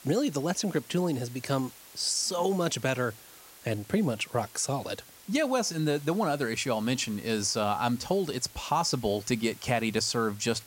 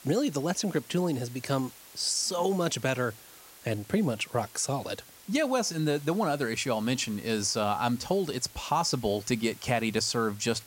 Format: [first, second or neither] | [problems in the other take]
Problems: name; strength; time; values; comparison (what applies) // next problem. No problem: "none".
neither | hiss; noticeable; throughout; 20 dB below the speech; the same in both